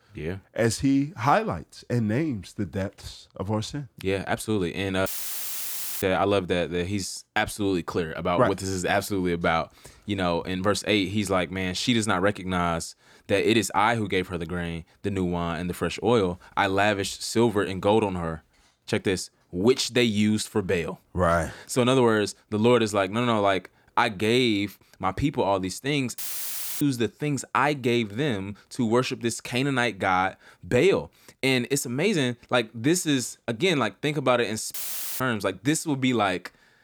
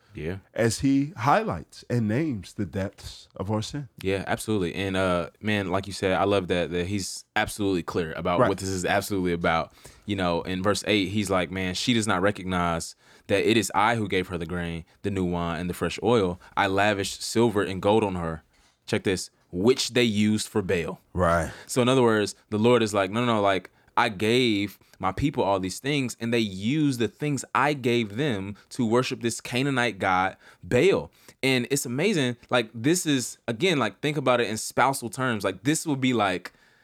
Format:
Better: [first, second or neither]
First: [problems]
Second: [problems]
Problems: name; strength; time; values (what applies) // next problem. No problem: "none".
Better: second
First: audio cutting out; filled with static; at 5 s for 1 s, at 26 s for 0.5 s and at 35 s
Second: none